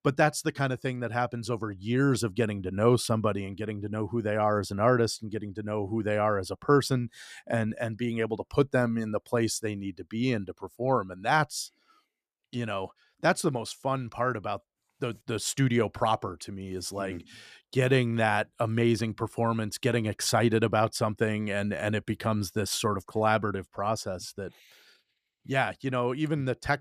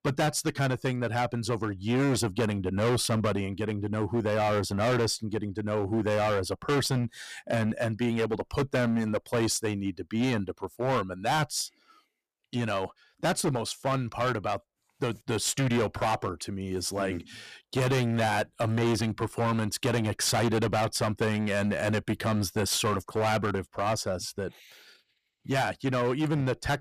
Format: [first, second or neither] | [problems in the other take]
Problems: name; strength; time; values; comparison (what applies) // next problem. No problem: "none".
first | distortion; heavy; 14% of the sound clipped